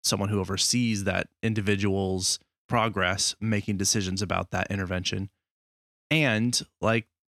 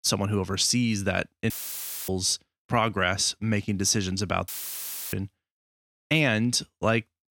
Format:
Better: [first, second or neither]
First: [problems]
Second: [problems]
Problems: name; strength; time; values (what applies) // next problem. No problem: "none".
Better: first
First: none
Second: audio cutting out; filled with static; at 1.5 s for 0.5 s and at 4.5 s for 0.5 s